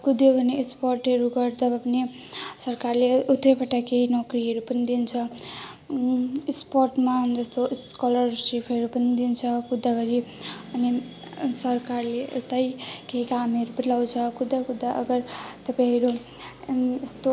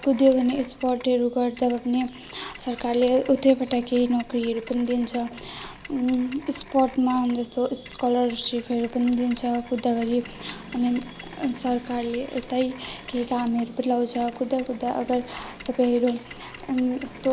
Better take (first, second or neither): first